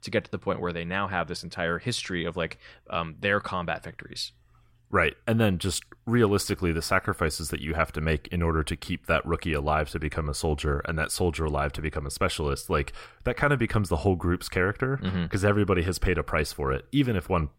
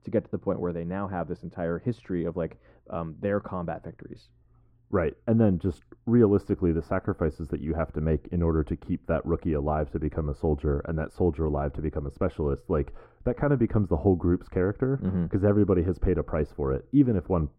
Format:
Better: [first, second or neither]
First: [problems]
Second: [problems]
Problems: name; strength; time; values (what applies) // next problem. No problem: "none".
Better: first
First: none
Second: muffled; very; fading above 2 kHz